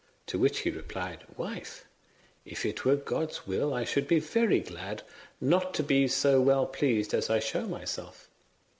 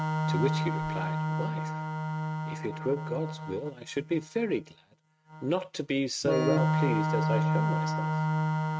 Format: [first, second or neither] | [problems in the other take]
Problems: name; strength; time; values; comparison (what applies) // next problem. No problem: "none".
first | noise reduction (neural mask model RNNoise)